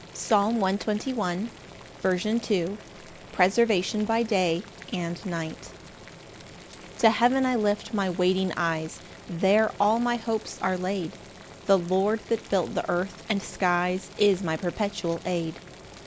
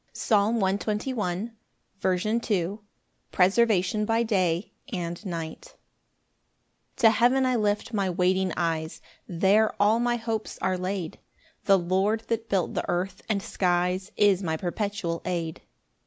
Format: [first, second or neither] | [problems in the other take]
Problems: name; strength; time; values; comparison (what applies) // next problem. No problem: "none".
second | background sound (Boiling); 18 dB below the speech